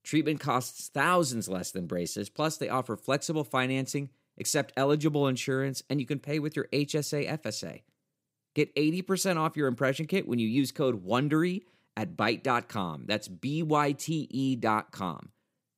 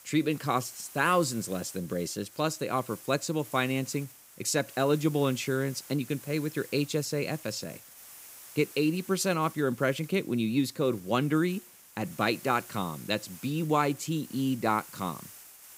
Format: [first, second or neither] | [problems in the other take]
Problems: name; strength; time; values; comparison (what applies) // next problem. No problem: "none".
first | hiss; noticeable; throughout; 15 dB below the speech